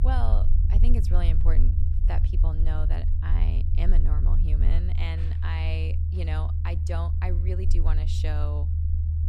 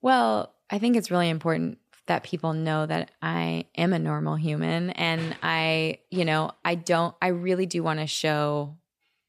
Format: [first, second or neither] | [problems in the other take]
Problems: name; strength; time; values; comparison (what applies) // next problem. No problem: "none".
second | low rumble; loud; throughout; 4 dB below the speech